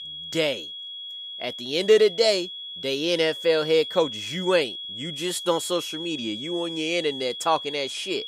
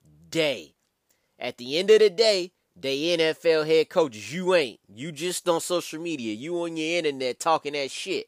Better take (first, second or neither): second